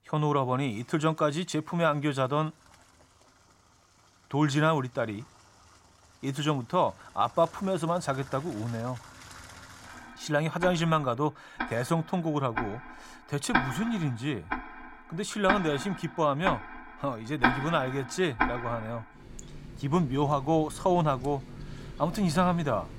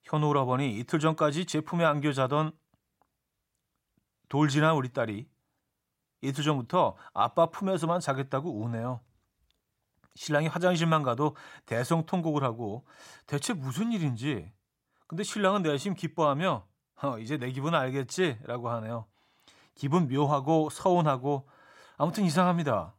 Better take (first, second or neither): second